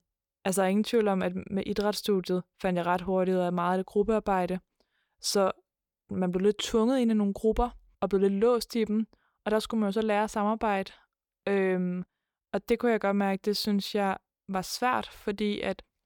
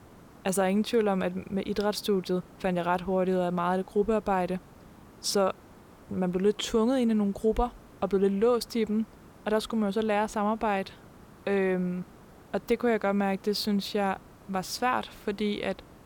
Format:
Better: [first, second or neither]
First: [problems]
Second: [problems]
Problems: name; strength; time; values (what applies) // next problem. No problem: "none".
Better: first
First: none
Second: hiss; faint; throughout; 25 dB below the speech